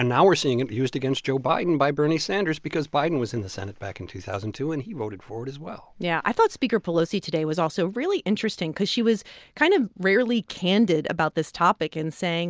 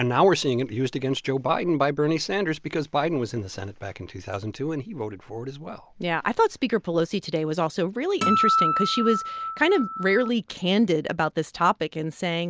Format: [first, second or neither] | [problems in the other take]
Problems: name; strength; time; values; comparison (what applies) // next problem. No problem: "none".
first | background sound (Acoustic guitar); as loud as the speech